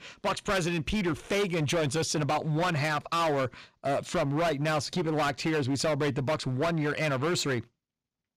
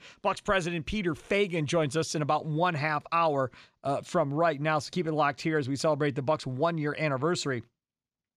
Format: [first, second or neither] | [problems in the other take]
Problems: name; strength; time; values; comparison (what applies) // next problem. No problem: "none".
second | distortion; heavy; 20% of the sound clipped